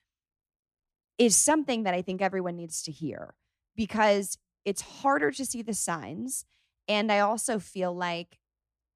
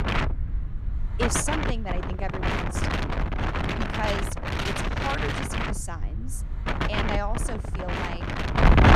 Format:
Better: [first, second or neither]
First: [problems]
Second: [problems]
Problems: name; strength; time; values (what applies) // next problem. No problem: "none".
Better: first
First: none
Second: wind noise on the microphone; heavy; 5 dB above the speech